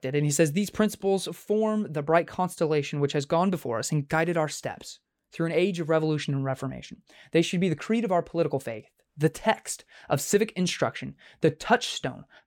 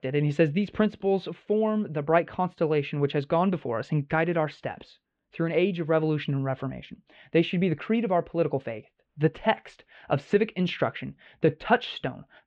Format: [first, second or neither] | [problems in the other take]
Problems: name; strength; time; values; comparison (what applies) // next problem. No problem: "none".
first | muffled; very; fading above 3 kHz